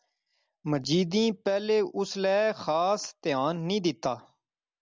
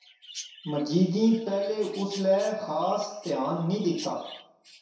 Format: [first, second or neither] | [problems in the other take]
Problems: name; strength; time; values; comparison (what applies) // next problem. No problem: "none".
first | background sound (Chirp, tweet); 19 dB below the speech // room echo; dies away in 0.7 s